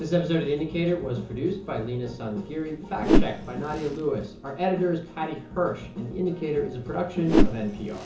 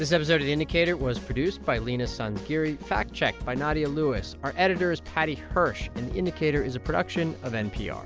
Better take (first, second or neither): second